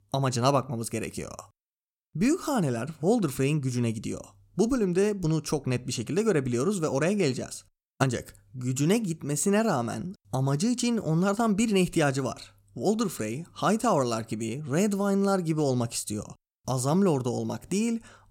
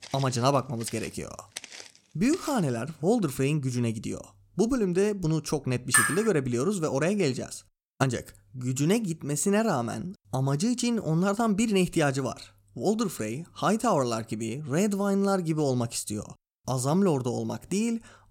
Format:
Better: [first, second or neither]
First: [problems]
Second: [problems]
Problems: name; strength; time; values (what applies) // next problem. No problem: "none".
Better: first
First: none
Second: footsteps; faint; until 2.5 s; peak 10 dB below the speech // clattering dishes; loud; at 6 s; peak 5 dB above the speech